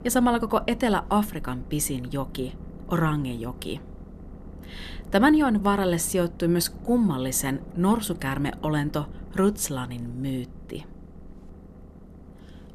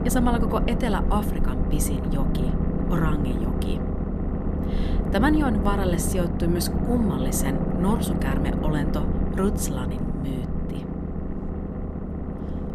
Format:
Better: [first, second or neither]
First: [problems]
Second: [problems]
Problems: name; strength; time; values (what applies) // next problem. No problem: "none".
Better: first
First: low rumble; faint; throughout; 20 dB below the speech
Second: low rumble; loud; throughout; 4 dB below the speech